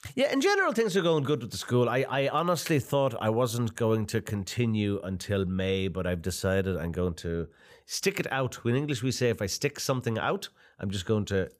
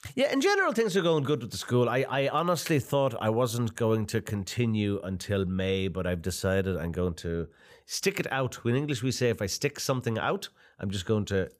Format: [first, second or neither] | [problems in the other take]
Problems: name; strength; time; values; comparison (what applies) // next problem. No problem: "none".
neither | none